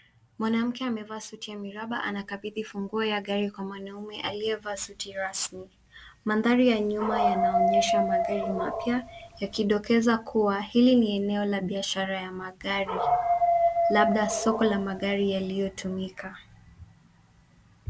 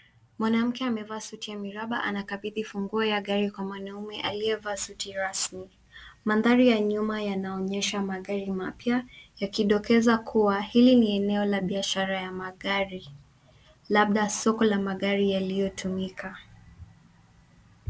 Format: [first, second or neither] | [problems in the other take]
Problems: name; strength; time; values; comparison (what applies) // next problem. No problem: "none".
second | background sound (Dog); 1 dB above the speech